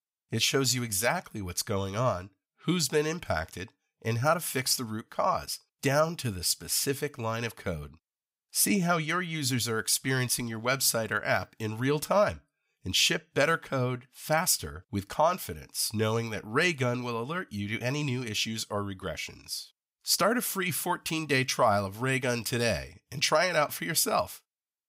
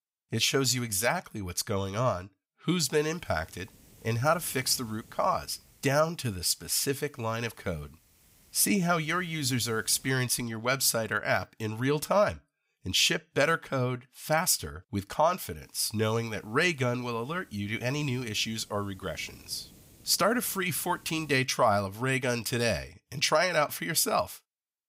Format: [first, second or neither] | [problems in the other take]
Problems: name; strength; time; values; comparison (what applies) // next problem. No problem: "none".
first | hiss; faint; from 3 to 10 s and from 16 to 21 s; 25 dB below the speech